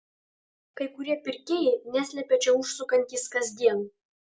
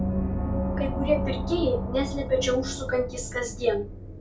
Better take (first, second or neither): first